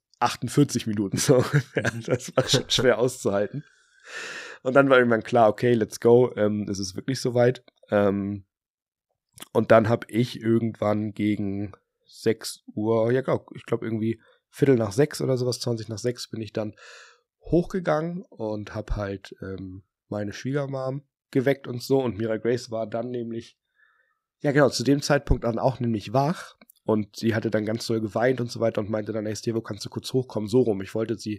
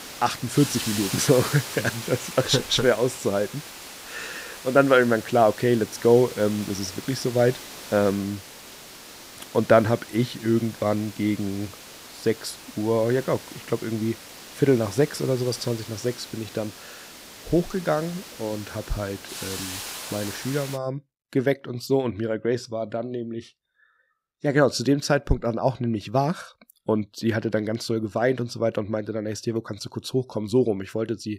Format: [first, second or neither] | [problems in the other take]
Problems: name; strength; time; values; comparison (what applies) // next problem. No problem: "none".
first | hiss; noticeable; until 21 s; 10 dB below the speech